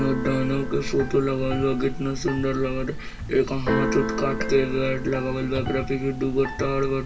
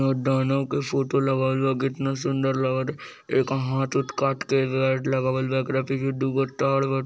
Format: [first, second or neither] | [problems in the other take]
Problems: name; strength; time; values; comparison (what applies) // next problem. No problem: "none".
second | background sound (Keyboard (musical)); 5 dB below the speech // room echo; dies away in 0.1 s